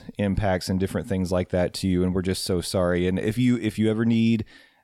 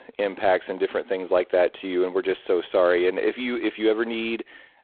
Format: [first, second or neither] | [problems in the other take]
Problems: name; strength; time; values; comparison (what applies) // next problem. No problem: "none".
first | phone-call audio; poor line